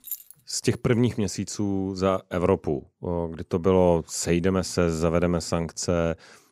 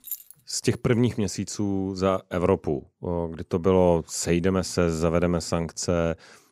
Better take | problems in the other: neither | jangling keys; faint; at the start; peak 10 dB below the speech; the same in both

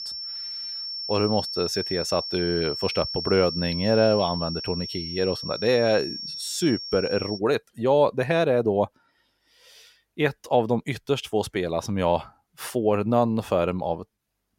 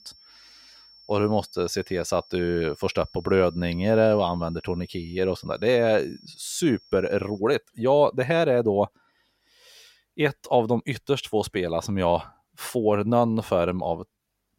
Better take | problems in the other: second | high-pitched whine; loud; until 7.5 s; 5.5 kHz, 6 dB below the speech; faint in the second

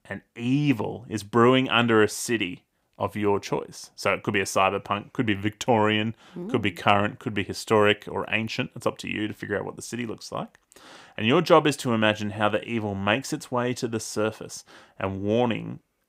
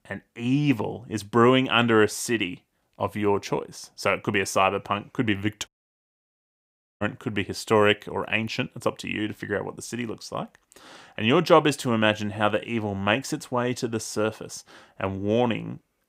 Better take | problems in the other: first | audio cutting out; at 5.5 s for 1.5 s

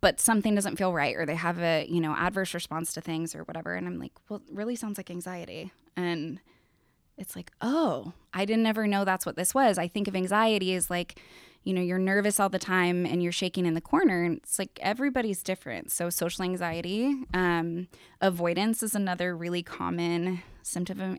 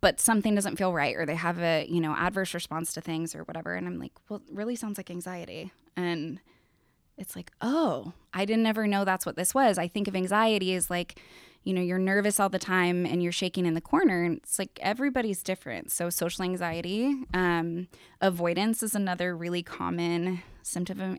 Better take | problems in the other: neither | none

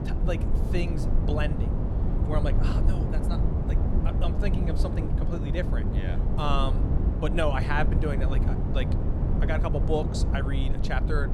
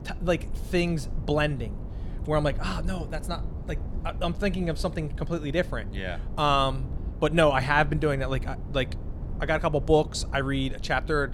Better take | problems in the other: second | low rumble; loud; throughout; 4 dB below the speech; faint in the second

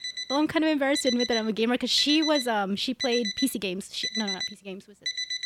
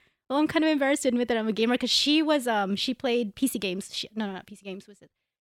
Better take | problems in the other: second | alarm; noticeable; peak 2 dB below the speech

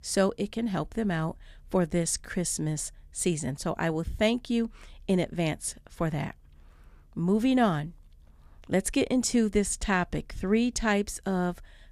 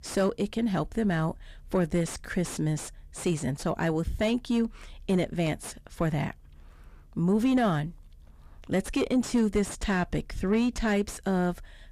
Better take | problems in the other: first | distortion; slight; 10 dB below the speech

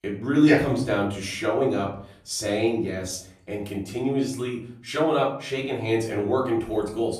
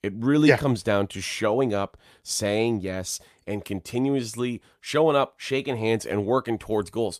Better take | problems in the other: second | off-mic speech; far // room echo; slight; dies away in 0.5 s

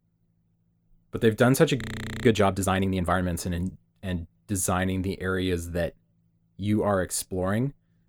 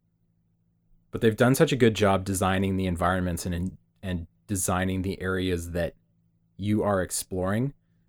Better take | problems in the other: second | audio freezing; at 2 s

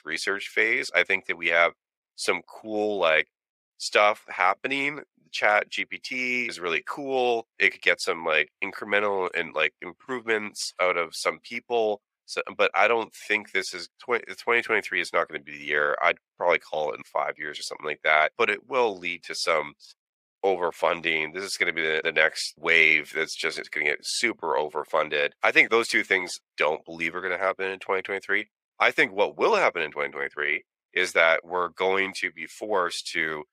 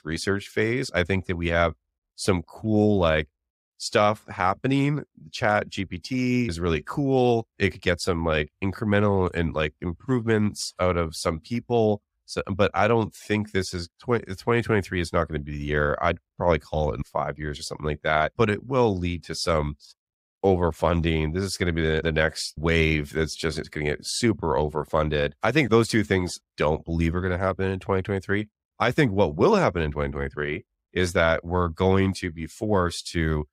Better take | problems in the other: second | thin; very; fading below 550 Hz

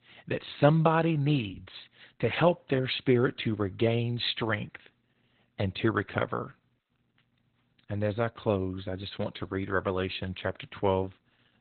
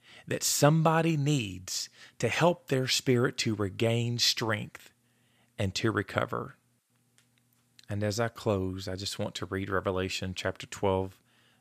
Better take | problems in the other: second | garbled, watery; badly; nothing above 4 kHz

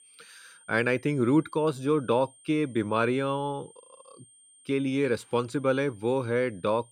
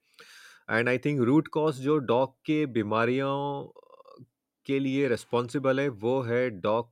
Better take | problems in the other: second | high-pitched whine; faint; throughout; 8.5 kHz, 25 dB below the speech

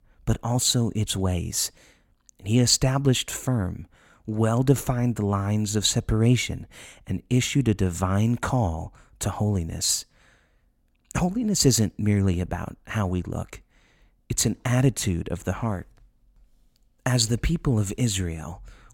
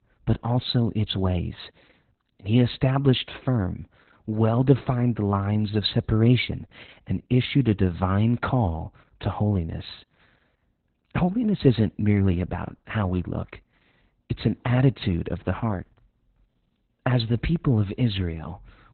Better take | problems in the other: first | garbled, watery; badly; nothing above 4 kHz

